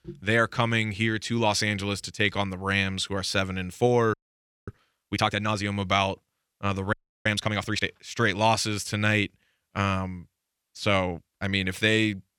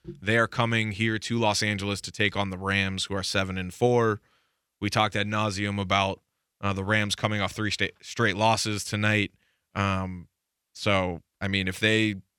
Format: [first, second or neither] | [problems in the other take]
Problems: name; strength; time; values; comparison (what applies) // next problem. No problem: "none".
second | audio freezing; at 4 s for 0.5 s and at 7 s